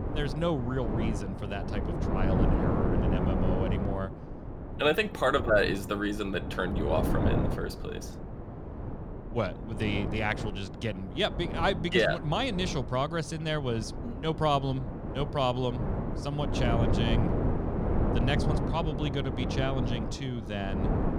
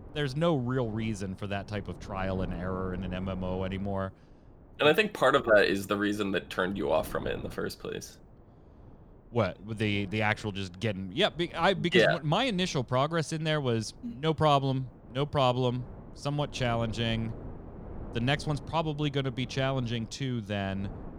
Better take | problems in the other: second | wind noise on the microphone; heavy; 6 dB below the speech; occasional gusts in the second

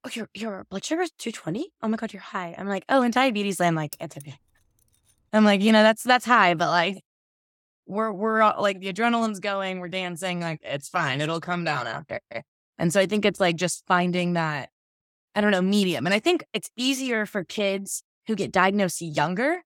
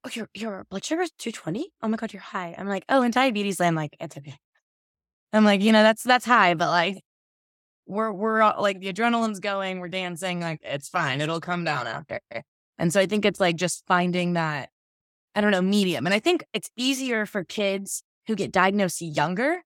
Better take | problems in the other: second | jangling keys; faint; at 4 s; peak 20 dB below the speech

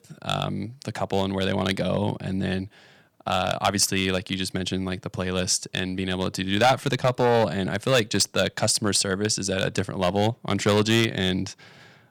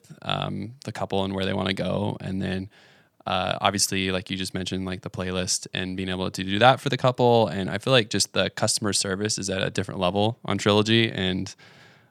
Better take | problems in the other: second | distortion; slight; 1.9% of the sound clipped

